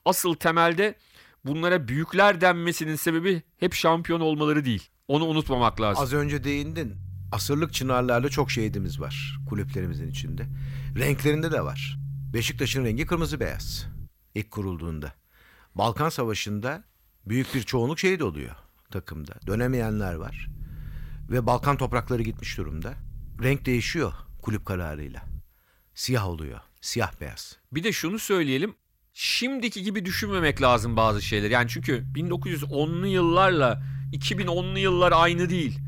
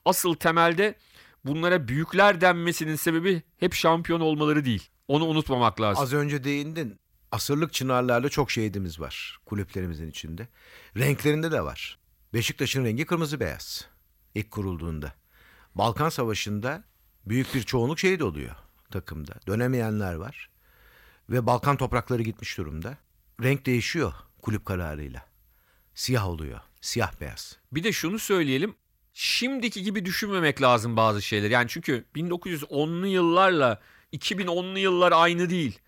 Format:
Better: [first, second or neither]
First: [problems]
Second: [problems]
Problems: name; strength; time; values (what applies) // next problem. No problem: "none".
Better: second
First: low rumble; faint; from 5.5 to 14 s, from 19 to 25 s and from 30 s on; 25 dB below the speech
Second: none